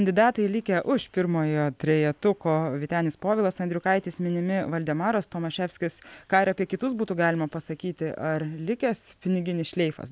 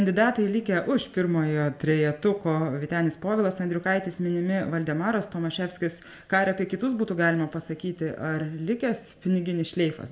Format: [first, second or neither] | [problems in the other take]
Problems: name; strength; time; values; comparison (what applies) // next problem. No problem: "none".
first | room echo; dies away in 1 s